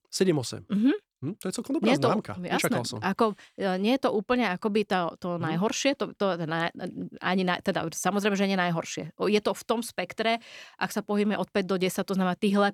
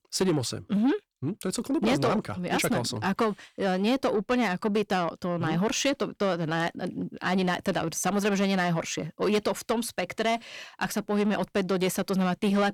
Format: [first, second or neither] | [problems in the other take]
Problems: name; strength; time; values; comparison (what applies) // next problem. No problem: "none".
first | distortion; slight; 10 dB below the speech